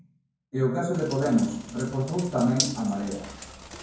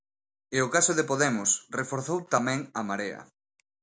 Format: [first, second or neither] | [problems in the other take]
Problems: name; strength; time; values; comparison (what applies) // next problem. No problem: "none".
second | background sound (Bathtub (filling or washing)); 10 dB below the speech // room echo; dies away in 0.9 s